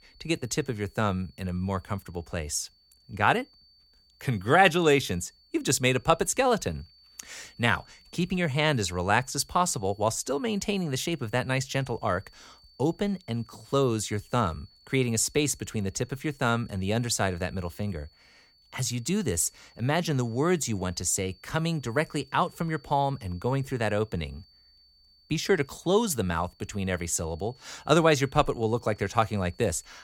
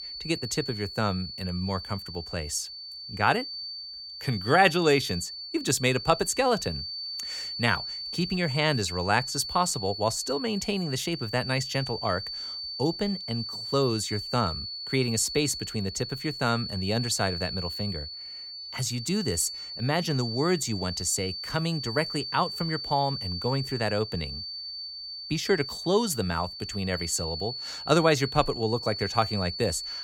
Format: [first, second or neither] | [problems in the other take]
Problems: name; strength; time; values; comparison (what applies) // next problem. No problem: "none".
first | high-pitched whine; loud; throughout; 4.5 kHz, 6 dB below the speech; faint in the first